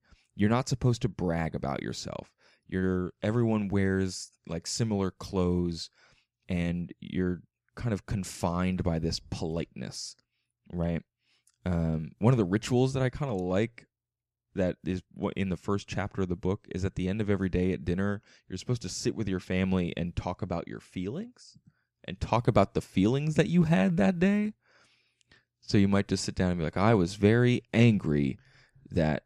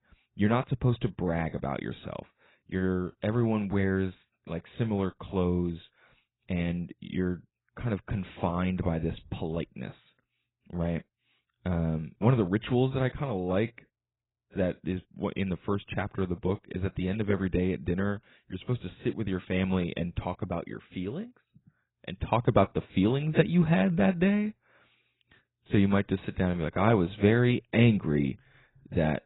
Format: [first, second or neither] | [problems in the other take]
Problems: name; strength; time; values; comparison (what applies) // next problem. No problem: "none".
first | garbled, watery; badly; nothing above 4 kHz